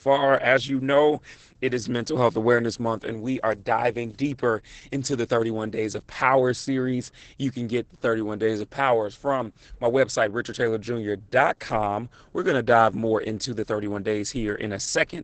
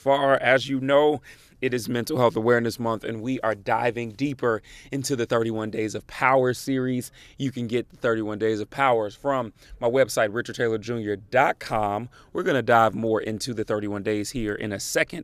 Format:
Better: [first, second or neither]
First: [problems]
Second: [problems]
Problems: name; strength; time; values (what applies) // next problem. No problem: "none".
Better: second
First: garbled, watery; badly; nothing above 8 kHz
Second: none